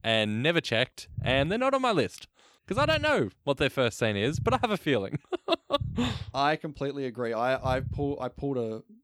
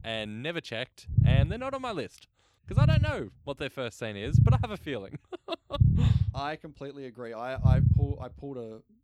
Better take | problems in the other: first | low rumble; loud; throughout; 2 dB below the speech; faint in the first

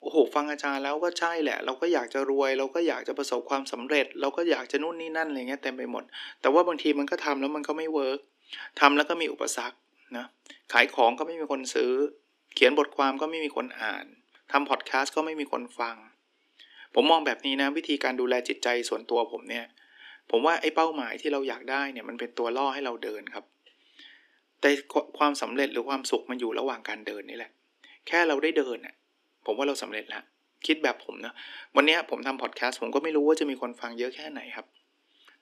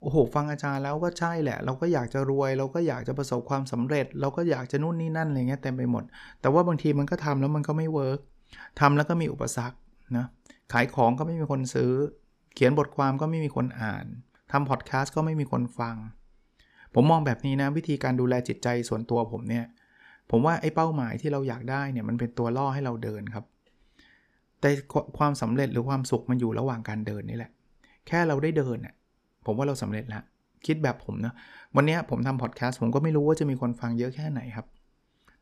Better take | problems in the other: second | thin; somewhat; fading below 300 Hz

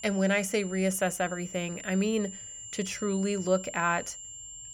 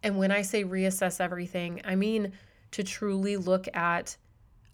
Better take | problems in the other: second | high-pitched whine; noticeable; throughout; 7.5 kHz, 10 dB below the speech

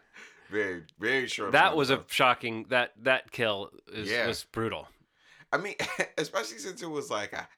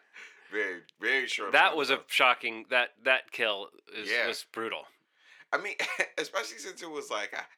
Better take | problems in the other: first | thin; somewhat; fading below 350 Hz

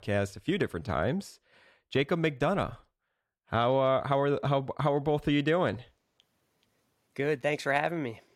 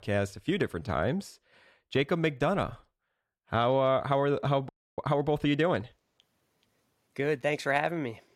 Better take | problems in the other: first | audio freezing; at 4.5 s

